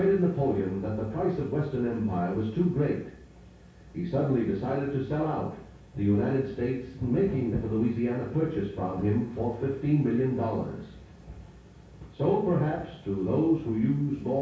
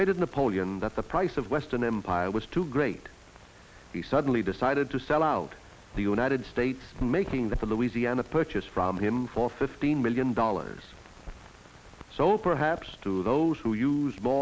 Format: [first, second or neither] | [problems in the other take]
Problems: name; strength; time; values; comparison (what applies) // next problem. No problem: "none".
second | room echo; dies away in 0.6 s